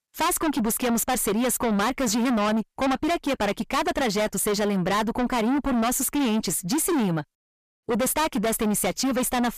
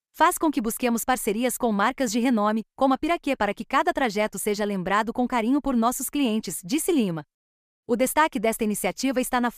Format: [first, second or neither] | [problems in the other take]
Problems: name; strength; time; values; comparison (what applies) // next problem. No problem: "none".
second | distortion; heavy; 5 dB below the speech